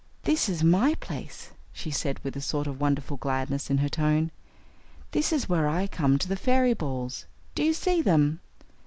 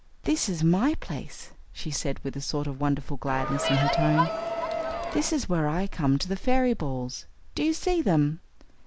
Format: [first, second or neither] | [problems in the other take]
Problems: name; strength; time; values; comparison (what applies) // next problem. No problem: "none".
first | background sound (Crowd); 2 dB below the speech